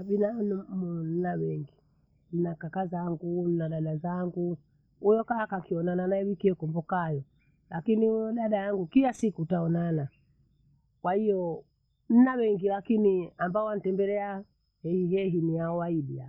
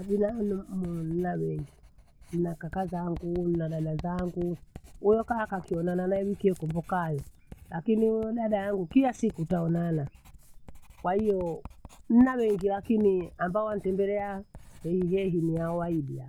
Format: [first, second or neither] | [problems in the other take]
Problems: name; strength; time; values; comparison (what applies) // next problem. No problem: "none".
first | background sound (Writing); 18 dB below the speech